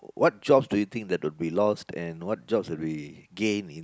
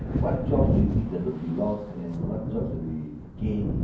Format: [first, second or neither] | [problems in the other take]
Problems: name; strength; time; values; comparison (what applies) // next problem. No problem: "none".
first | background sound (Thunder / Wind); 1 dB above the speech // room echo; dies away in 0.9 s